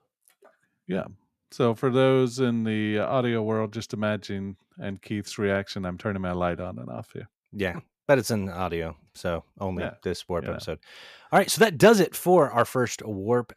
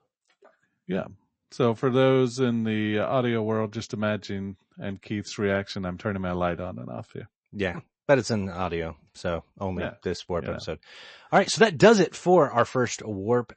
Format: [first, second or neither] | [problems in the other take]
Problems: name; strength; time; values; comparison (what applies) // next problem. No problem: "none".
first | garbled, watery; slightly; nothing above 8 kHz